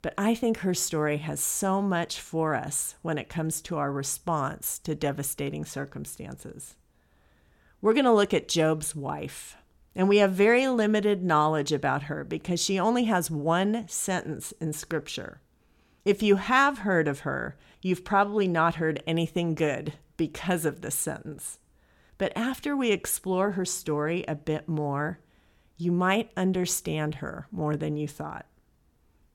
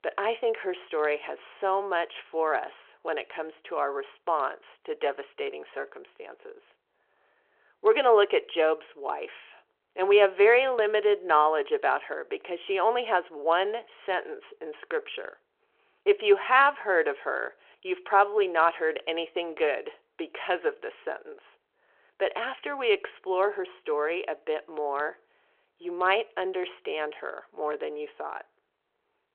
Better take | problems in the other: first | phone-call audio

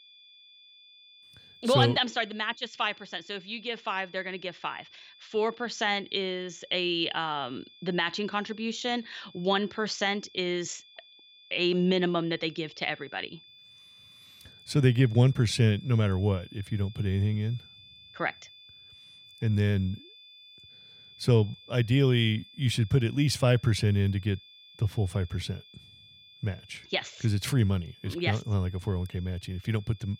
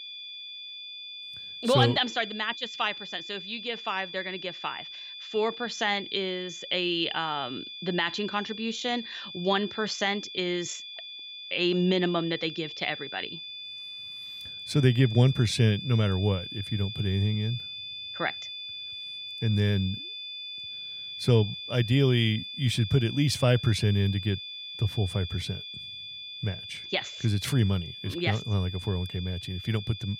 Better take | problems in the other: first | high-pitched whine; loud; throughout; 3.5 kHz, 9 dB below the speech; faint in the first

